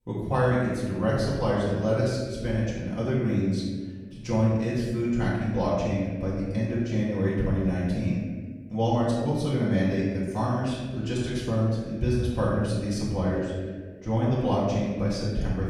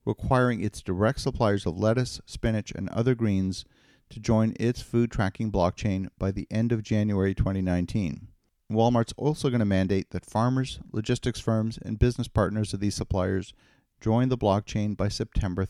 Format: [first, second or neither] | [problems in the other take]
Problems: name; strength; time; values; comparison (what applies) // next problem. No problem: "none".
second | room echo; strong; dies away in 1.3 s // off-mic speech; far